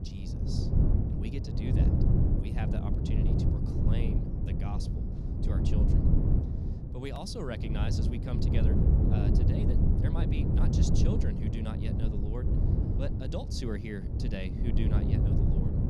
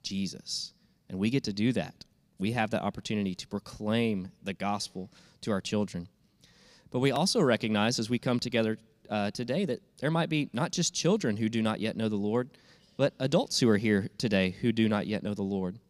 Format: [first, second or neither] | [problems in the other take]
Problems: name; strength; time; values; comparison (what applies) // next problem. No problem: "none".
second | wind noise on the microphone; heavy; 3 dB above the speech